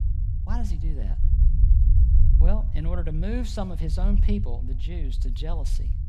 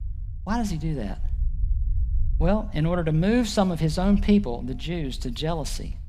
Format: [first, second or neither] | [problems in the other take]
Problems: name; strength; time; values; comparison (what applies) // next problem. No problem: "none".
second | low rumble; loud; throughout; 6 dB below the speech; faint in the second